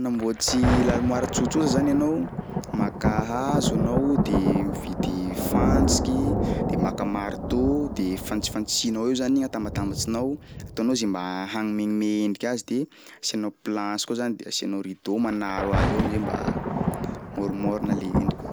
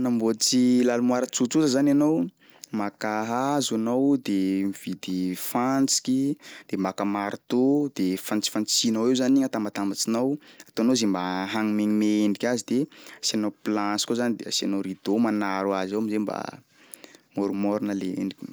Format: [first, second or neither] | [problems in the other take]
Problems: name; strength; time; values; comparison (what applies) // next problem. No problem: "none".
second | background sound (Thunder); 2 dB below the speech